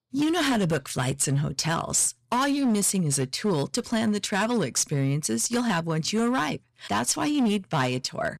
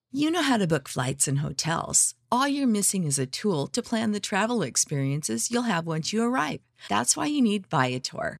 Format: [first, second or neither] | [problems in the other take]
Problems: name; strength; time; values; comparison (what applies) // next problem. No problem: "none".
second | distortion; slight; 11% of the sound clipped